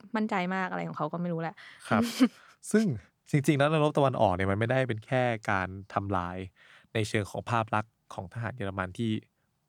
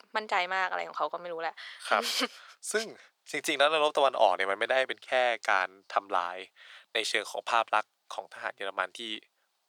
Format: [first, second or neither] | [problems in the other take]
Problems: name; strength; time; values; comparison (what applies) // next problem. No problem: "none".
first | thin; very; fading below 500 Hz